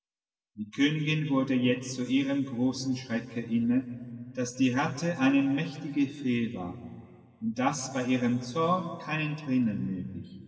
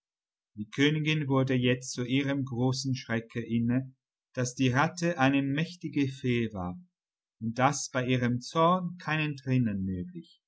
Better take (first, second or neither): second